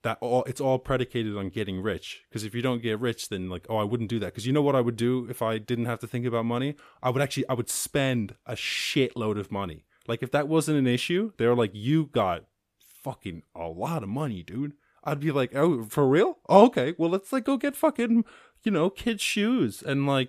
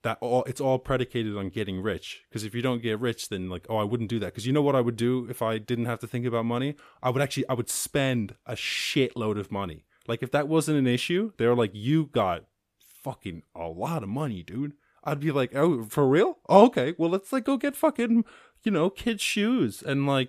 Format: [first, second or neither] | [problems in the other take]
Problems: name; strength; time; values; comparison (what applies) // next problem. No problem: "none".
neither | none